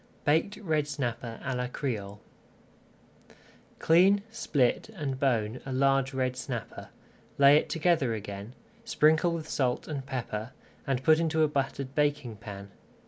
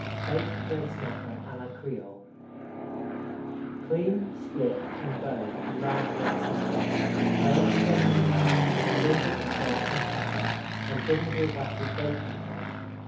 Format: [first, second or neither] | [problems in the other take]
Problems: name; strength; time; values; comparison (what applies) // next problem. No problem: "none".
first | background sound (Fixed-wing aircraft, airplane); 4 dB above the speech // room echo; dies away in 0.5 s